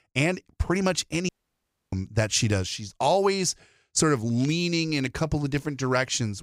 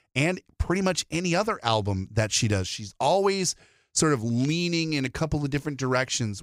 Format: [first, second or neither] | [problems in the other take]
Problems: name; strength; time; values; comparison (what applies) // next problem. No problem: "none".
second | audio cutting out; at 1.5 s for 0.5 s